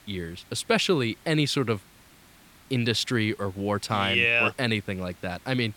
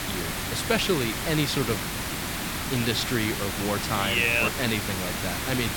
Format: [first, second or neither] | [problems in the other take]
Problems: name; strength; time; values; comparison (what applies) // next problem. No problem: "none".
first | hiss; loud; throughout; 2 dB below the speech; faint in the first